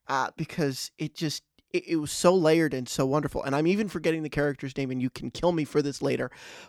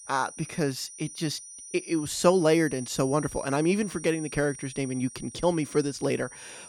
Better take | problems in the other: first | high-pitched whine; noticeable; throughout; 6 kHz, 15 dB below the speech

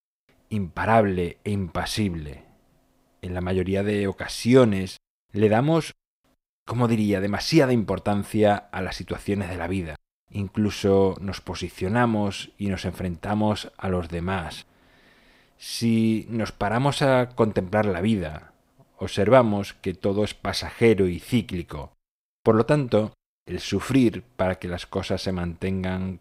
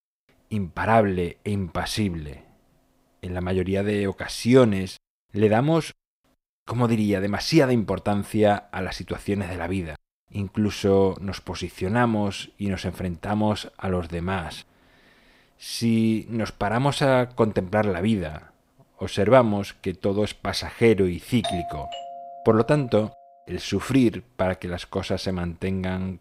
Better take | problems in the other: first | doorbell; noticeable; from 21 to 23 s; peak 6 dB below the speech

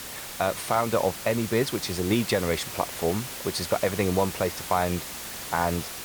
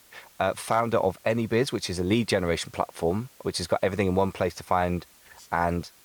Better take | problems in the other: second | hiss; loud; throughout; 7 dB below the speech; faint in the second

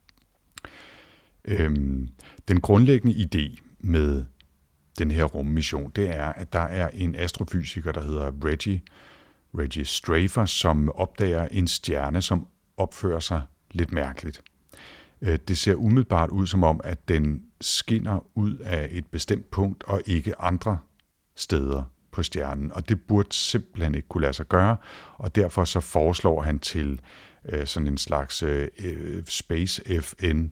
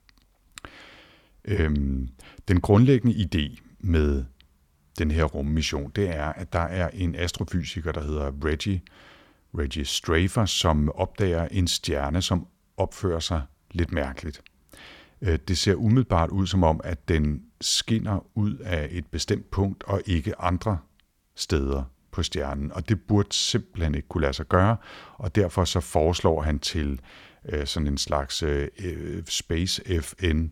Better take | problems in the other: second | garbled, watery; slightly

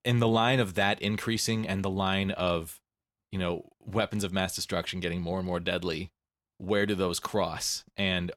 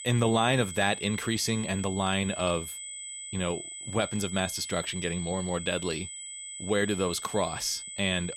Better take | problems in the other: first | high-pitched whine; loud; throughout; 8 kHz, 8 dB below the speech

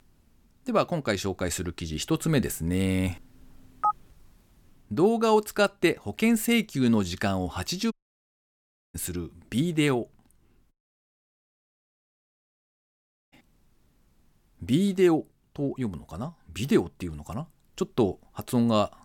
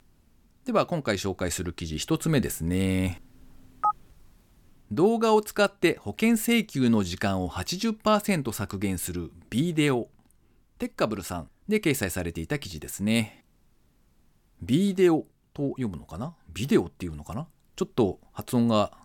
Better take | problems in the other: second | audio cutting out; at 8 s for 1 s and at 11 s for 2.5 s

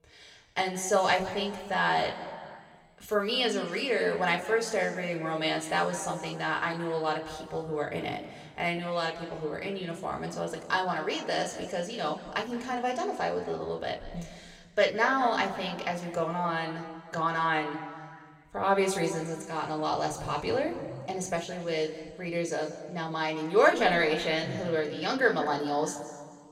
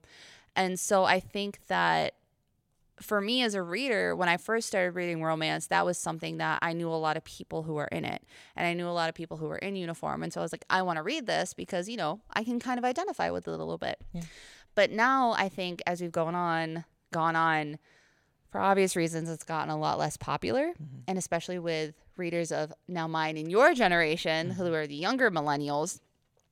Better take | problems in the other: second | room echo; slight; dies away in 1.7 s // off-mic speech; somewhat distant

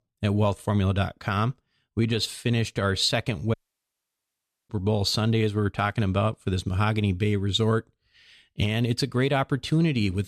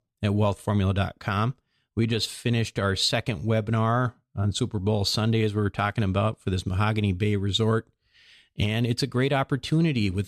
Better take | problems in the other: second | audio cutting out; at 3.5 s for 1 s

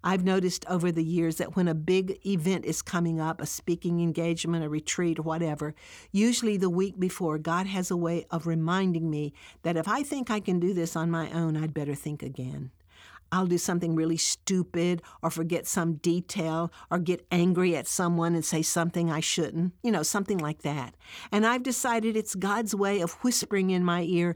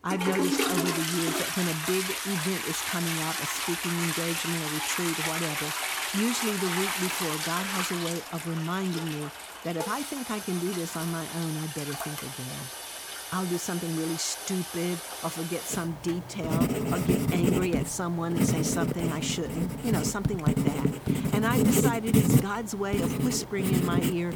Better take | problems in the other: first | household noises; very loud; throughout; 2 dB above the speech

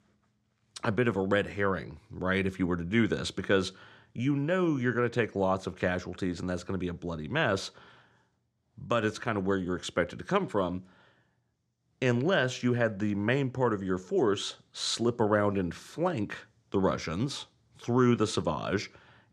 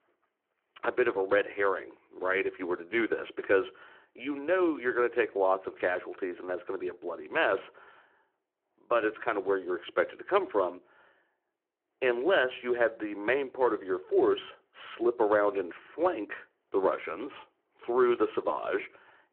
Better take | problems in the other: first | phone-call audio

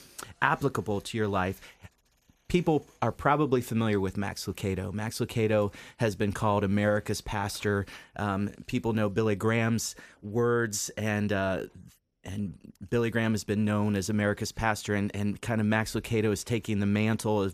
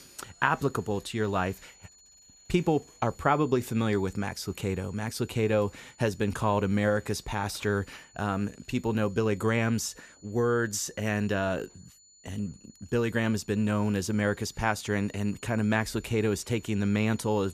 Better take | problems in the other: first | high-pitched whine; faint; throughout; 7 kHz, 25 dB below the speech

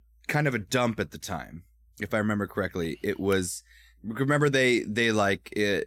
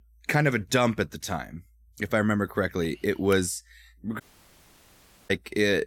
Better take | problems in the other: first | audio cutting out; at 4 s for 1 s

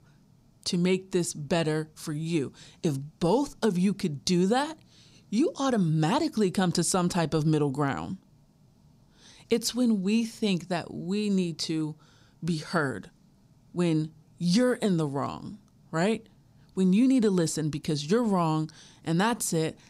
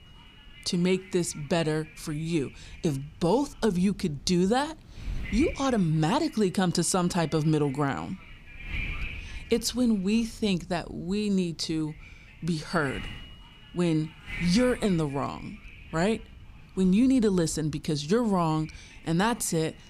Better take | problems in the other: first | wind noise on the microphone; occasional gusts; 15 dB below the speech

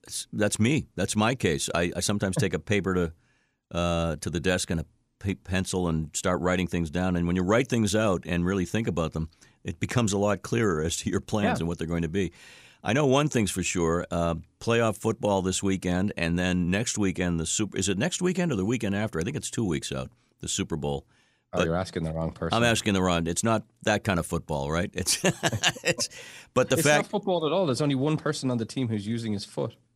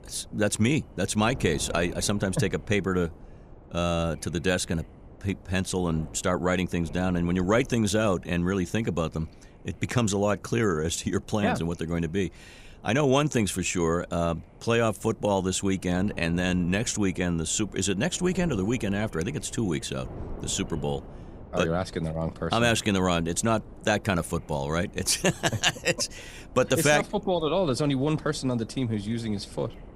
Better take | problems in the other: first | wind noise on the microphone; occasional gusts; 25 dB below the speech

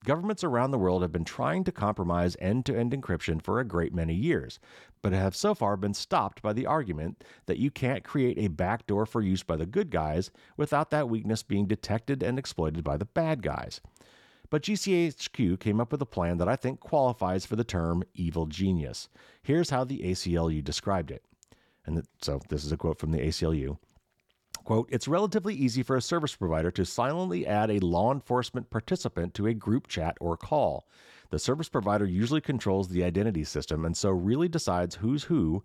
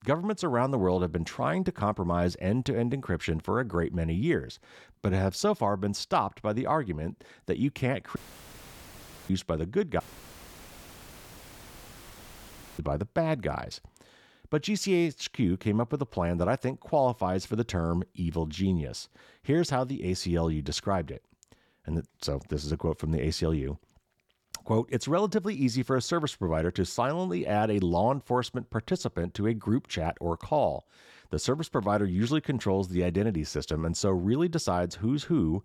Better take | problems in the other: first | audio cutting out; filled with static; at 8 s for 1 s and at 10 s for 3 s

